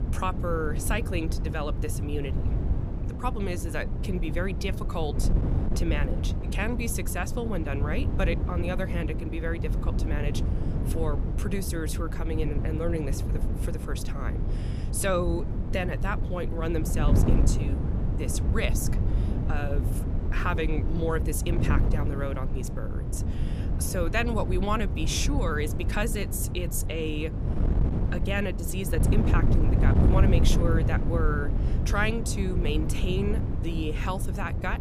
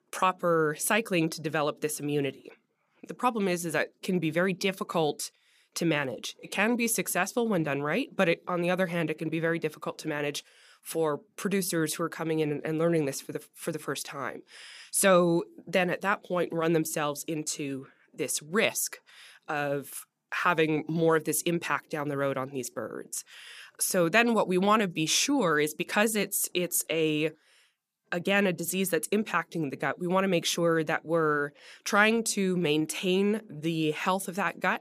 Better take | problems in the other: second | wind noise on the microphone; heavy; 6 dB below the speech

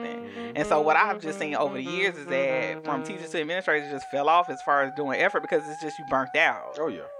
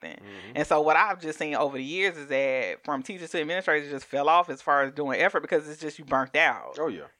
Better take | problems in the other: second | background music; noticeable; throughout; 15 dB below the speech

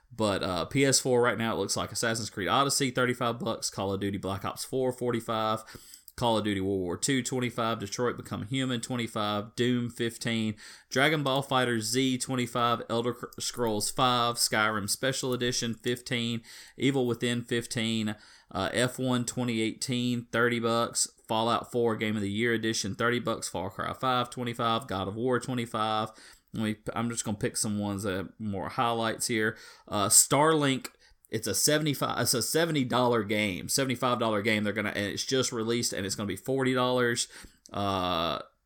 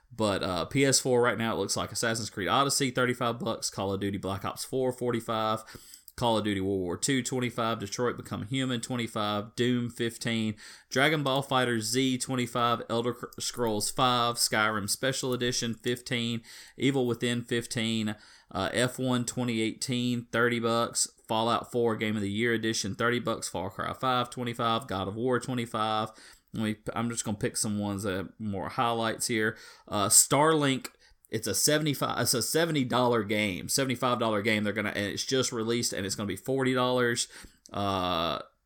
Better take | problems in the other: neither | none

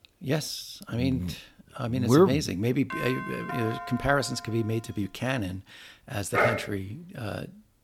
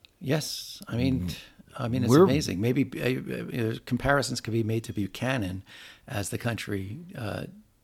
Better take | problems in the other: second | doorbell; noticeable; from 3 to 5 s; peak 6 dB below the speech // dog barking; loud; at 6.5 s; peak 3 dB above the speech

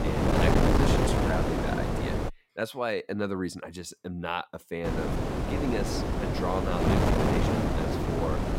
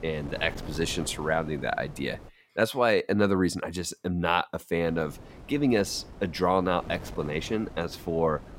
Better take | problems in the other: second | wind noise on the microphone; heavy; until 2.5 s and from 5 s on; 5 dB above the speech; occasional gusts in the second

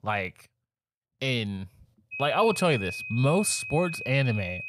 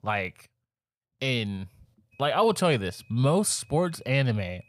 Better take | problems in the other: second | high-pitched whine; loud; from 2 s on; 2.5 kHz, 8 dB below the speech; faint in the second

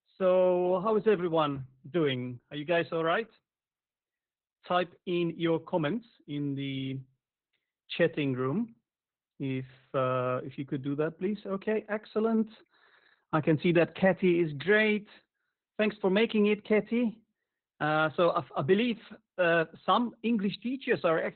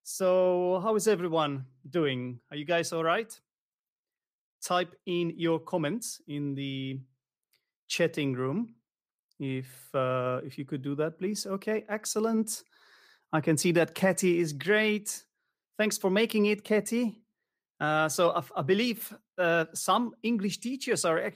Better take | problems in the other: second | garbled, watery; badly; nothing above 4 kHz

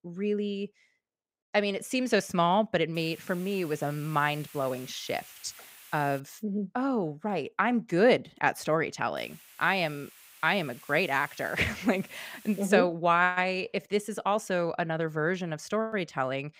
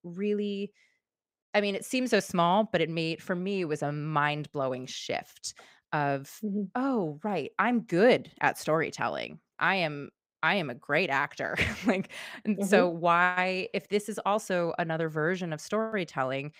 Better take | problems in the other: second | hiss; faint; from 3 to 6 s and from 9 to 13 s; 20 dB below the speech

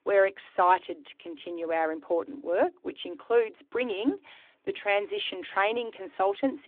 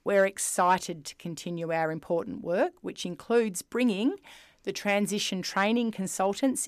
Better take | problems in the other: second | phone-call audio; nothing above 3.5 kHz

